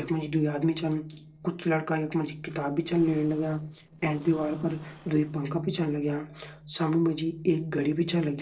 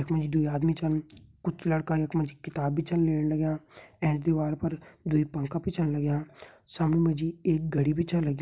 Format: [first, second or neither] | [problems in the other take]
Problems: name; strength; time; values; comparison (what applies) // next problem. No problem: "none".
second | noise reduction (neural separator model SepFormer DNS4)